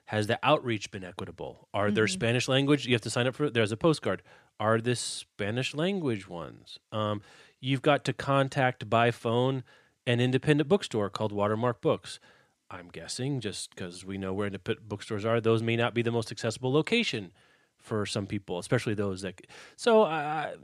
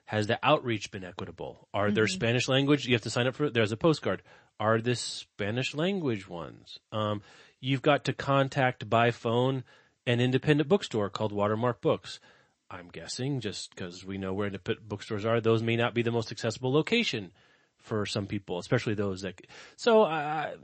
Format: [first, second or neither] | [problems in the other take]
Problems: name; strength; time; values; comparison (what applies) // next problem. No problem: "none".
first | garbled, watery; slightly; nothing above 8 kHz